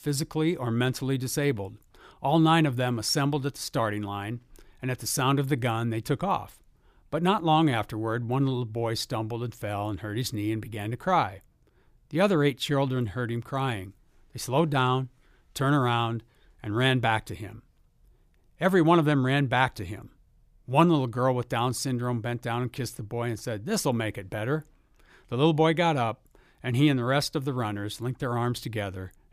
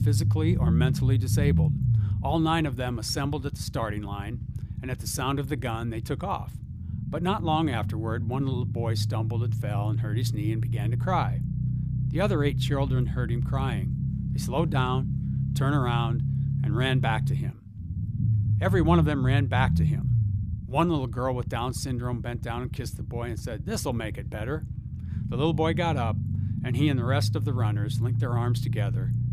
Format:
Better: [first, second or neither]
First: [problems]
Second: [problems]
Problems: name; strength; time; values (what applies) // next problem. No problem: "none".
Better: first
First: none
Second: low rumble; loud; throughout; 10 dB below the speech